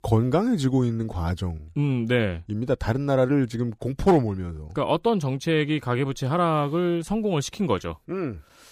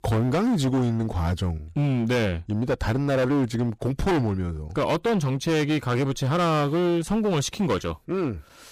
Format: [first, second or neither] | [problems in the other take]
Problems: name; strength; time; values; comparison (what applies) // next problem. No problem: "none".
first | distortion; heavy; 19% of the sound clipped